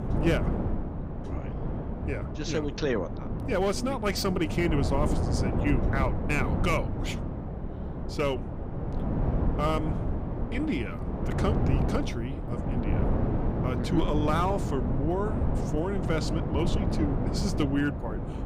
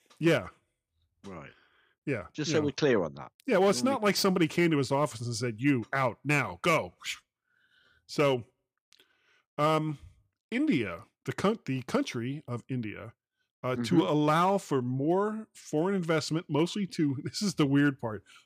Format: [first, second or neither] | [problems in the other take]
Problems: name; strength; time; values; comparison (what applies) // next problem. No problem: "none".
second | wind noise on the microphone; heavy; 5 dB below the speech